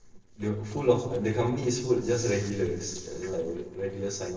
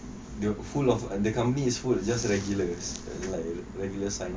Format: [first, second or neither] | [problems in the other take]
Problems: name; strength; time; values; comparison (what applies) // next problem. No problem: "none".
second | noise reduction (neural separator model SepFormer DNS4)